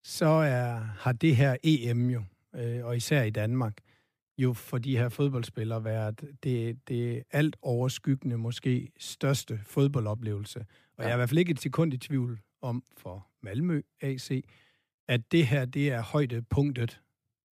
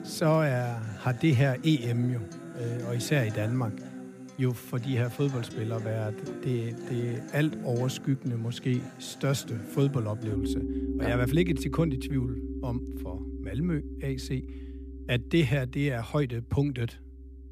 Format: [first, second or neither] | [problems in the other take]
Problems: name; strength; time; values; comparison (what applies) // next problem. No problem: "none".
first | background music; loud; throughout; 9 dB below the speech